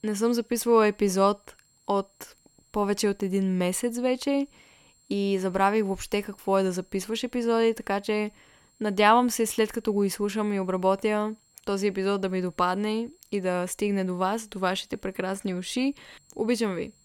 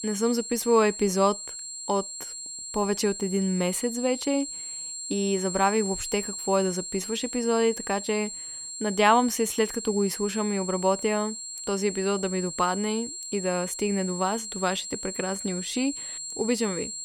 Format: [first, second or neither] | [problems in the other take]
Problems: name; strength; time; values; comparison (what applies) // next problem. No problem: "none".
first | high-pitched whine; loud; throughout; 7.5 kHz, 7 dB below the speech; faint in the first